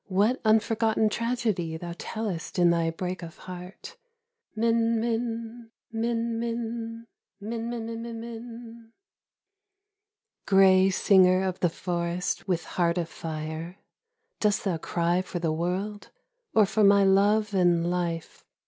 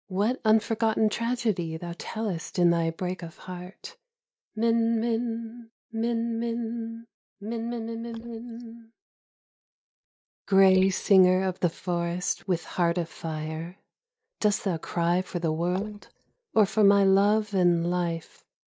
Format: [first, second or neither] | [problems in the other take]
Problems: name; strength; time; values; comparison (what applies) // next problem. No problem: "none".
first | noise reduction (neural mask model DeepFilterNet 3)